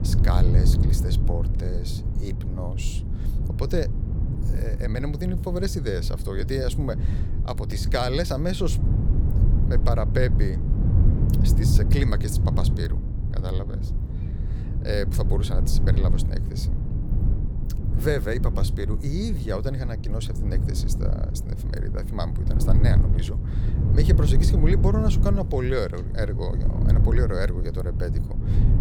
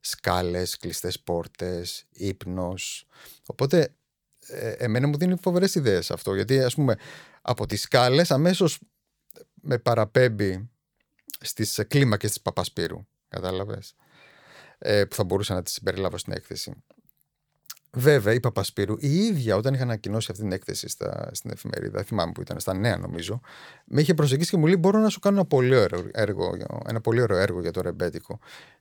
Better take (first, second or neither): second